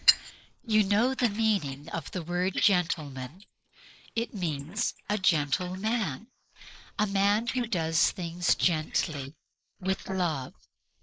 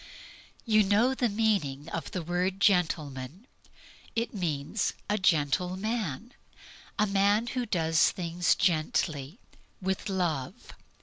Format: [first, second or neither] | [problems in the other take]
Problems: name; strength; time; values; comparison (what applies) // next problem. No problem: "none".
second | noise reduction (neural mask model Resemble Enhance denoiser)